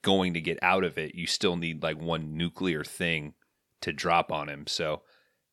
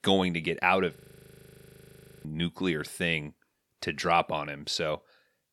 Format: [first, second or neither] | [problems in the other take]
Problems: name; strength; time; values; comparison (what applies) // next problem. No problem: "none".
first | audio freezing; at 1 s for 1.5 s